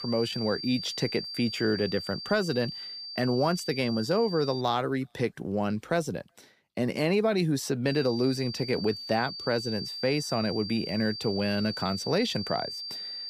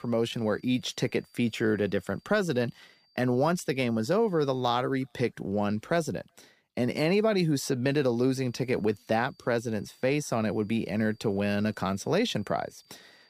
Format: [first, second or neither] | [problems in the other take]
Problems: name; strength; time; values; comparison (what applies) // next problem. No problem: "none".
second | high-pitched whine; loud; until 4.5 s and from 8 s on; 4.5 kHz, 7 dB below the speech; faint in the second